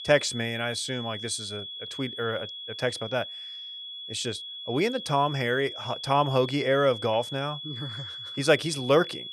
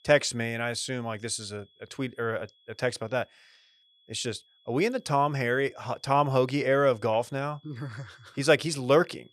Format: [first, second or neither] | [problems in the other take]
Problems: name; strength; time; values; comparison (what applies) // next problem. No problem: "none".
second | high-pitched whine; loud; throughout; 3.5 kHz, 9 dB below the speech; faint in the second